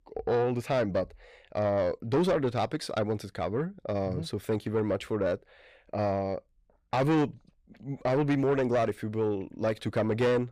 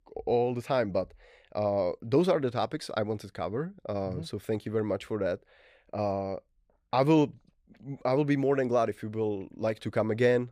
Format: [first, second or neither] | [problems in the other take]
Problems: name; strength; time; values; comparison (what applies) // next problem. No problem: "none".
second | distortion; slight; 9 dB below the speech